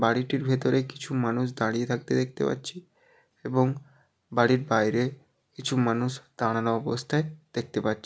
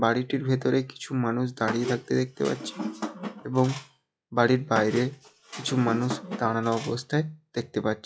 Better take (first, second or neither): first